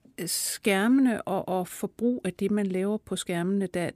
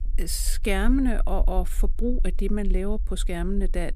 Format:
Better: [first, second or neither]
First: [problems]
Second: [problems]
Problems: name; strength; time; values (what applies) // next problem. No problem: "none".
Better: first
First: none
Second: low rumble; faint; throughout; 25 dB below the speech